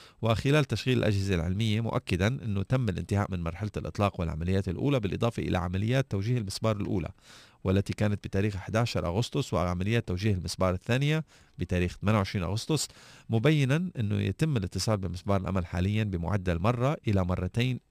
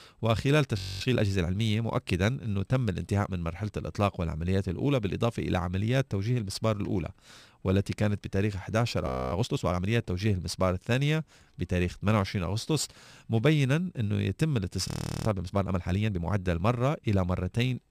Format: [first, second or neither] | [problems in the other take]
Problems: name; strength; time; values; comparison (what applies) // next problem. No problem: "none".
first | audio freezing; at 1 s, at 9 s and at 15 s